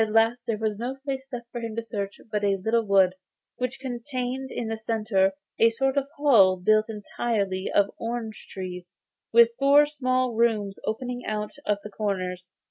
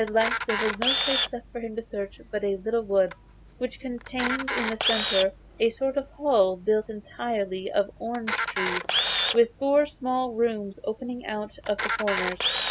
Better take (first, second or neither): first